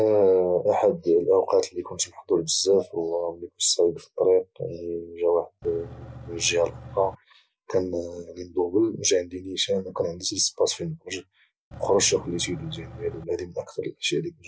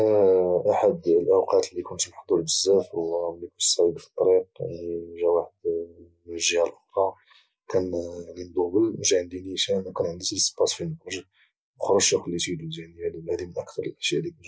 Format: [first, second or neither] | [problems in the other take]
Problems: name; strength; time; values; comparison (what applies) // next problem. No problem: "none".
second | background sound (Engine / Truck / Car); 15 dB below the speech